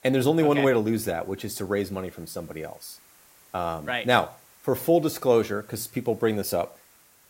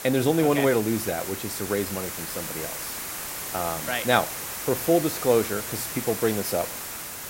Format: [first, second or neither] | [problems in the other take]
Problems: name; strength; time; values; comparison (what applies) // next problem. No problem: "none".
first | hiss; loud; throughout; 6 dB below the speech; faint in the first